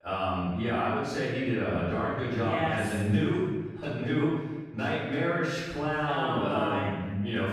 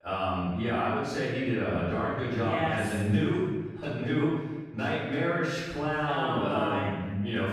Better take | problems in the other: neither | off-mic speech; far; the same in both // room echo; strong; dies away in 1.1 s; the same in both

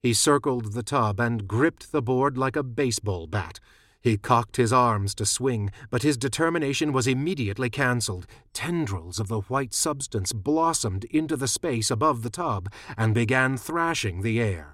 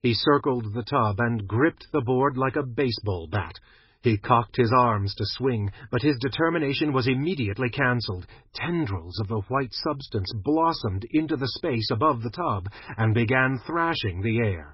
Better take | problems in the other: first | garbled, watery; badly; nothing above 5.5 kHz

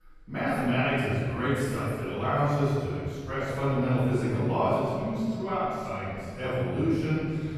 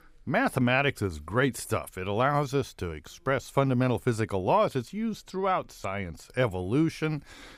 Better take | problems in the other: second | room echo; strong; dies away in 2.4 s // off-mic speech; far

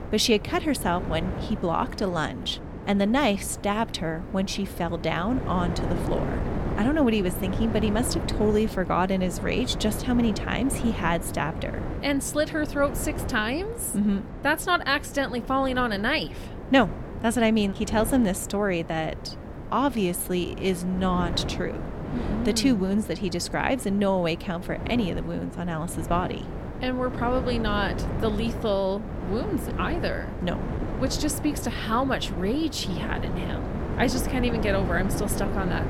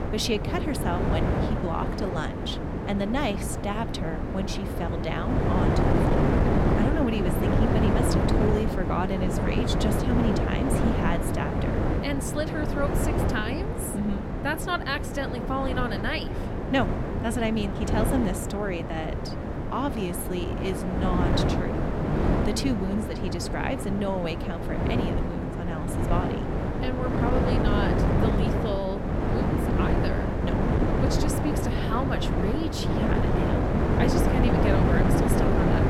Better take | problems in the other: first | wind noise on the microphone; heavy; 2 dB above the speech; occasional gusts in the first

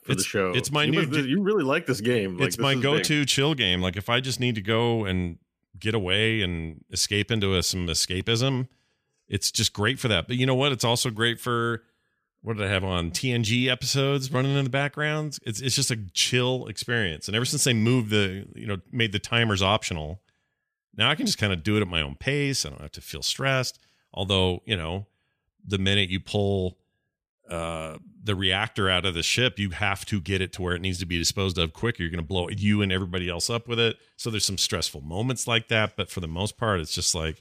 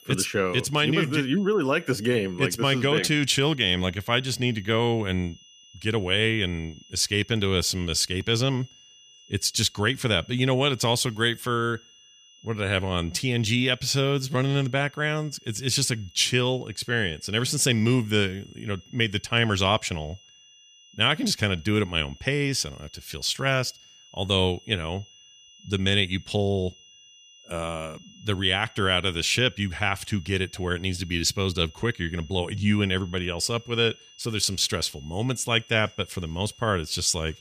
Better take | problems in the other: first | high-pitched whine; faint; throughout; 3 kHz, 25 dB below the speech

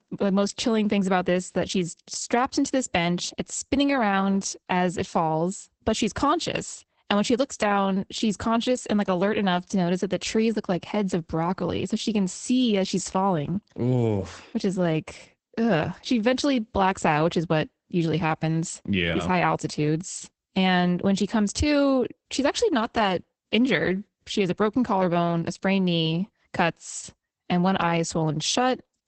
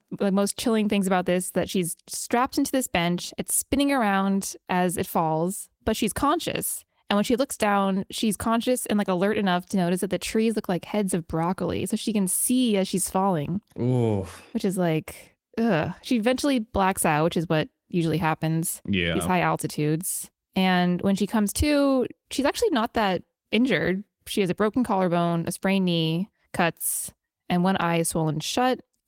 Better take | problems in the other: second | garbled, watery; badly; nothing above 8 kHz; slightly in the second

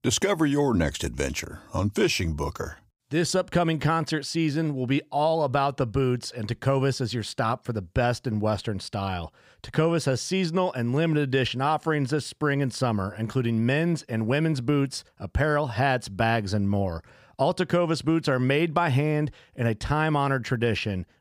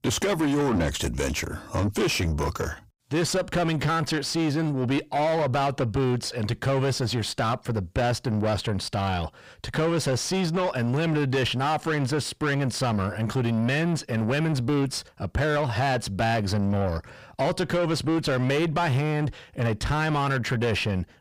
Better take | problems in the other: first | distortion; heavy; 7 dB below the speech

